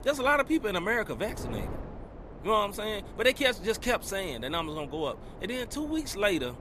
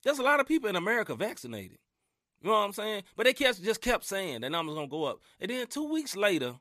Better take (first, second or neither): second